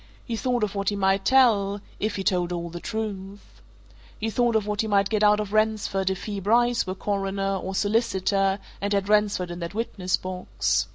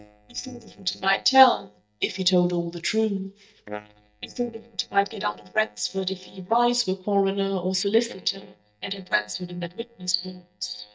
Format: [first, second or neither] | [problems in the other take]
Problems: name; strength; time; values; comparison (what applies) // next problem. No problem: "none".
first | noise reduction (neural mask model DeepFilterNet 3)